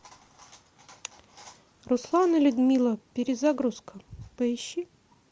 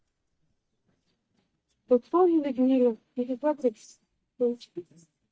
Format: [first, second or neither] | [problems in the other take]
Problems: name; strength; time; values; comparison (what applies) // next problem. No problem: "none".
first | noise reduction (neural mask model DeepFilterNet 3)